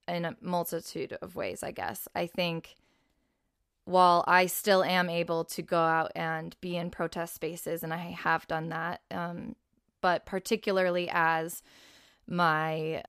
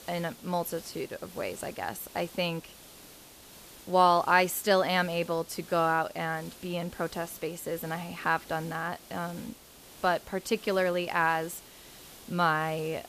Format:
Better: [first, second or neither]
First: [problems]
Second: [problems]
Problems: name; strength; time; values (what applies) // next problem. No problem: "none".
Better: first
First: none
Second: hiss; noticeable; throughout; 20 dB below the speech